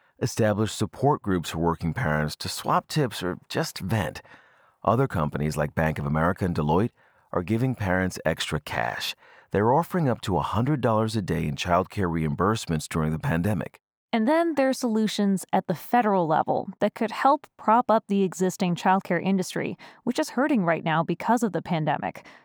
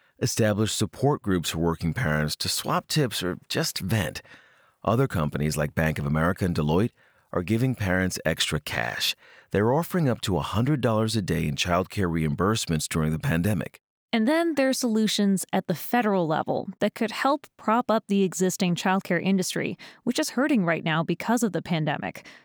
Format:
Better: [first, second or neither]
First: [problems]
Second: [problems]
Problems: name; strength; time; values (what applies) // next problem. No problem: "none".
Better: second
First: muffled; slightly; fading above 2.5 kHz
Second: none